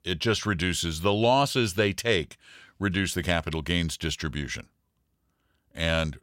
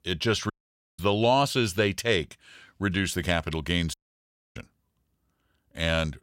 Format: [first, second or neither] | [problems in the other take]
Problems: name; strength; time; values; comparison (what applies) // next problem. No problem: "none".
first | audio cutting out; at 0.5 s and at 4 s for 0.5 s